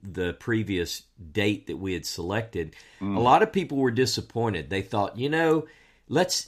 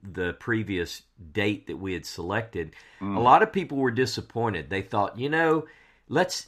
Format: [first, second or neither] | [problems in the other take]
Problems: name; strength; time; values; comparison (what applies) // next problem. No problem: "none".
first | muffled; very slightly; fading above 4 kHz